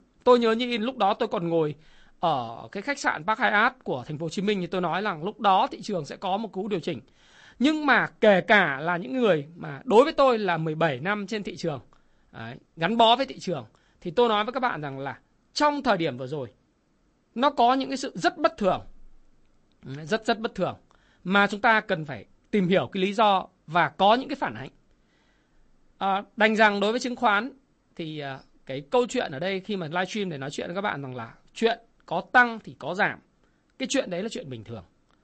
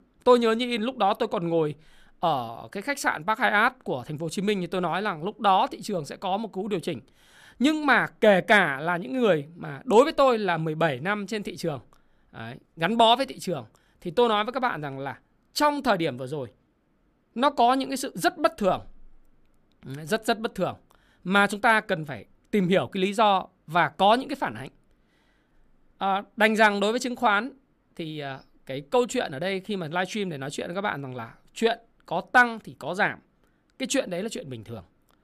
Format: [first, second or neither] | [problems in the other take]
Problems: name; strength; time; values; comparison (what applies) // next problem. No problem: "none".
second | garbled, watery; slightly; nothing above 8 kHz